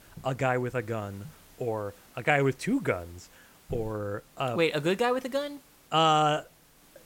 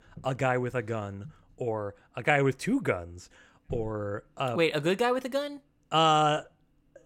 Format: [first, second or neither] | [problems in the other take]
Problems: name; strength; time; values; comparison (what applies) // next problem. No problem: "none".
second | hiss; faint; throughout; 25 dB below the speech